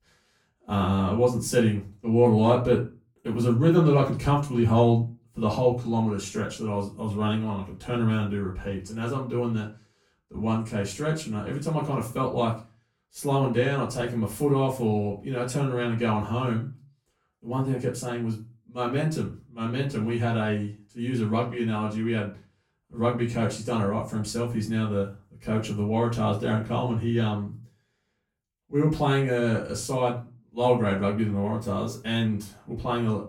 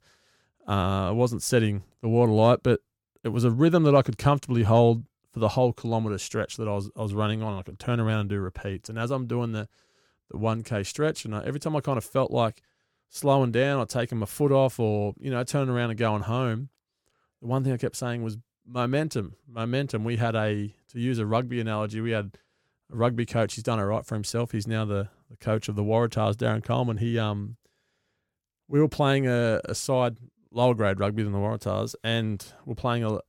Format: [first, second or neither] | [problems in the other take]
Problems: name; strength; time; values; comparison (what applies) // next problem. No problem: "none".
second | off-mic speech; far // room echo; slight; dies away in 0.3 s